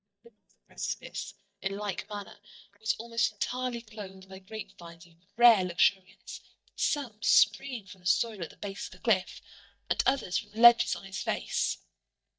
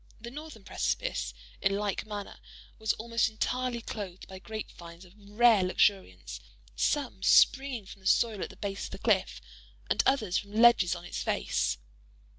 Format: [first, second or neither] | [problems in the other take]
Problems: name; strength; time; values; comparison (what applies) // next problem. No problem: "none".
second | noise reduction (neural mask model DeepFilterNet 3)